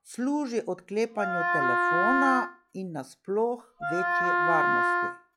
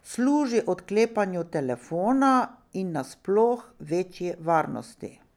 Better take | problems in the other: second | noise reduction (classical method log-MMSE)

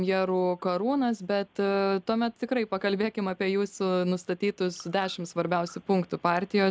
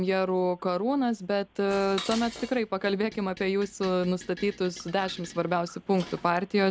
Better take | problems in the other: first | background sound (Dishes, pots, and pans); 18 dB below the speech

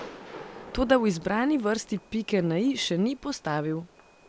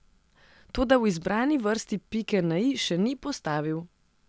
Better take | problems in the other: second | background sound (Fireworks); 20 dB below the speech

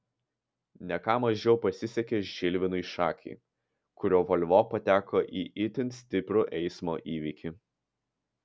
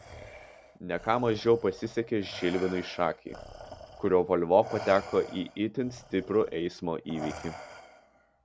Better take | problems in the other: first | background sound (Respiratory sounds); 16 dB below the speech

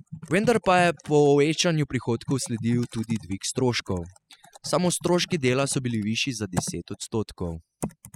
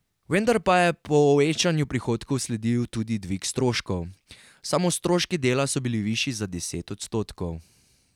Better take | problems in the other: second | noise reduction (classical method spectral subtraction)

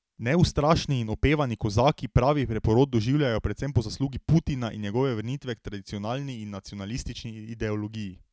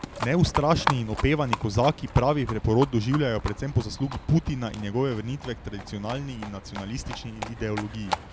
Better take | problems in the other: first | background sound (Livestock, farm animals, working animals); 9 dB below the speech

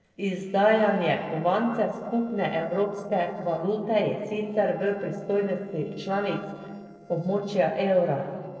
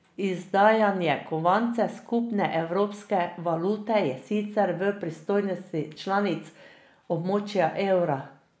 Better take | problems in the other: second | noise reduction (neural separator model SepFormer DNS4)

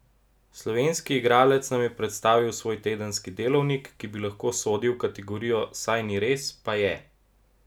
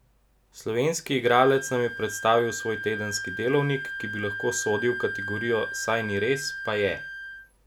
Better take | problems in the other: first | background sound (Wind instrument, woodwind instrument); 8 dB below the speech

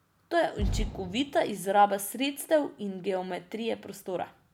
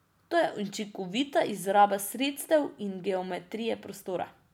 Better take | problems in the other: second | background sound (Fireworks); 8 dB below the speech

